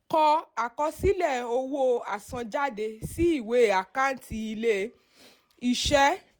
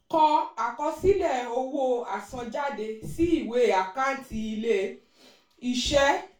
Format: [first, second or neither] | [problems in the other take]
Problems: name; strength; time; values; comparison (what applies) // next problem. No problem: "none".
first | room echo; dies away in 0.3 s